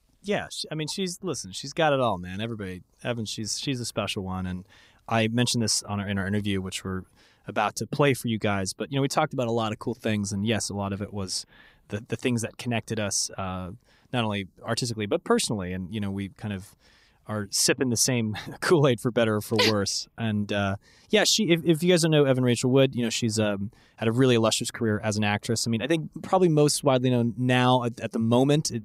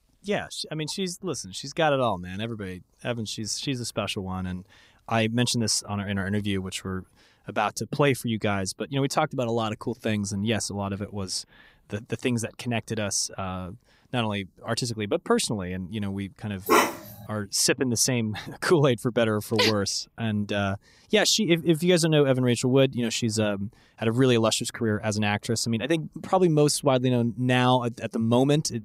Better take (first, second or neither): first